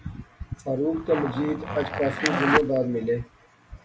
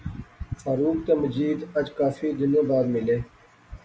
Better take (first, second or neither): second